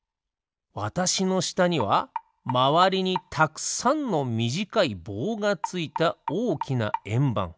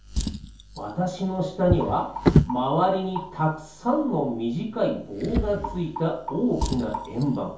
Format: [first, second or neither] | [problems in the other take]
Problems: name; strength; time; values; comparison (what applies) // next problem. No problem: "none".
first | background sound (Drawer open or close); 3 dB below the speech // room echo; dies away in 0.6 s